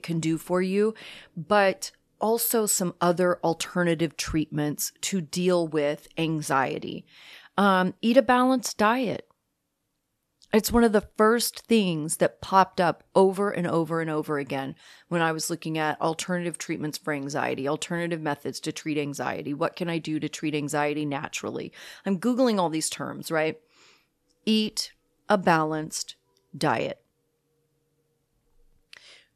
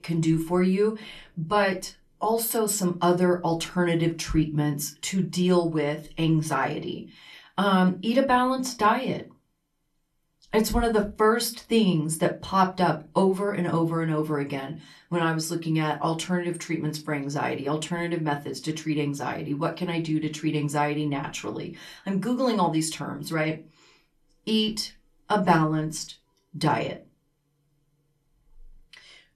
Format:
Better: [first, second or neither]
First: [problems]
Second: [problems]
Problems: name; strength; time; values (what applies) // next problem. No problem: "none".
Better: first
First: none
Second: off-mic speech; far // room echo; very slight; dies away in 0.2 s